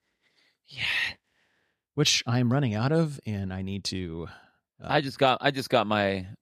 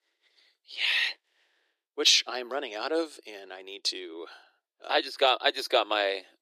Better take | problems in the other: first | thin; very; fading below 350 Hz

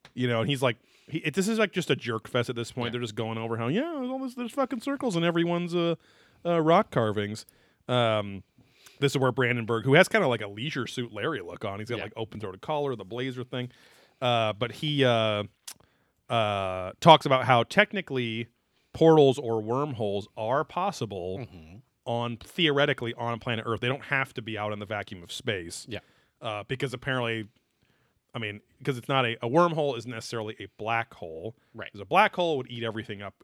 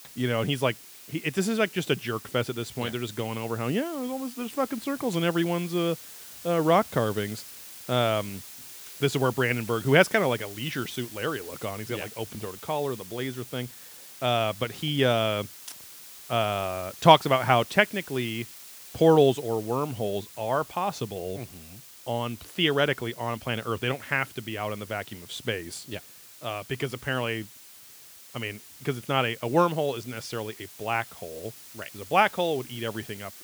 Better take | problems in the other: first | hiss; noticeable; throughout; 15 dB below the speech

